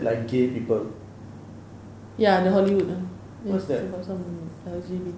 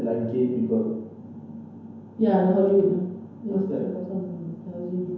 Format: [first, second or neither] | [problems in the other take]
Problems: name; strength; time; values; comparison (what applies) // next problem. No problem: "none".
first | room echo; dies away in 0.9 s